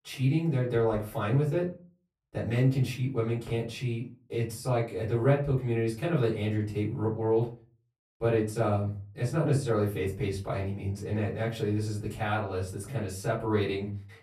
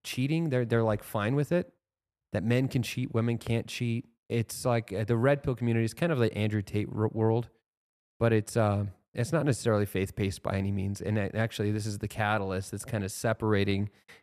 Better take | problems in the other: second | off-mic speech; far // room echo; slight; dies away in 0.3 s

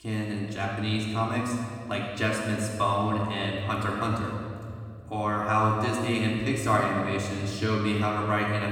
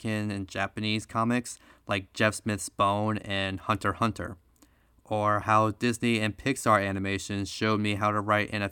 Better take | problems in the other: second | off-mic speech; far // room echo; noticeable; dies away in 3 s

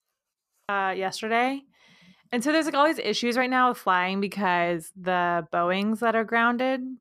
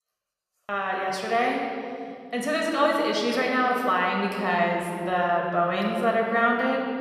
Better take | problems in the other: first | room echo; noticeable; dies away in 2 s // off-mic speech; somewhat distant

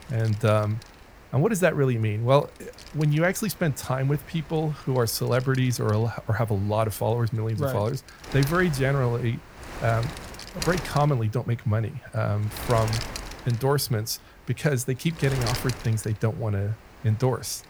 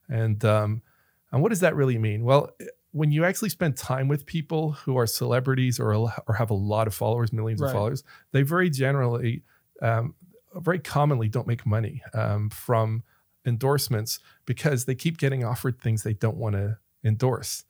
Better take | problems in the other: second | wind noise on the microphone; occasional gusts; 10 dB below the speech

